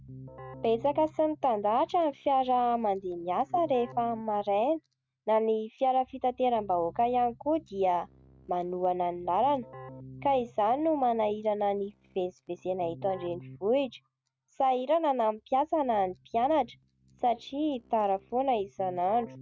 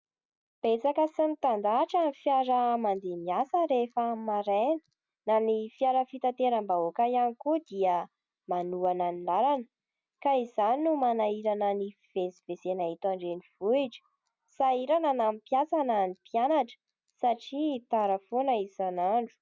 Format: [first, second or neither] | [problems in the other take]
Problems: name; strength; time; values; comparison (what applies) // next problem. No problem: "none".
second | noise reduction (neural mask model RNNoise)